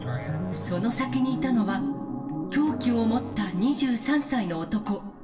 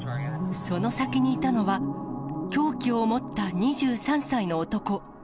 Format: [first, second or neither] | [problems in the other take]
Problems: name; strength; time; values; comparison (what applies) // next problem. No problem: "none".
second | background sound (Musical instrument); 17 dB below the speech // room echo; dies away in 0.7 s